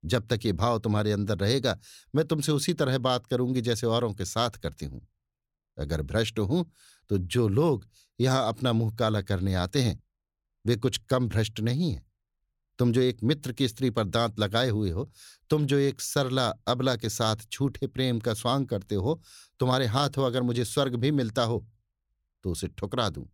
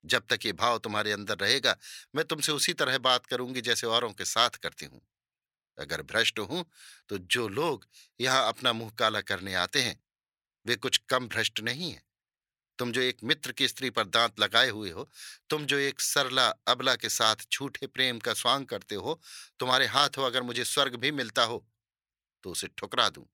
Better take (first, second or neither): first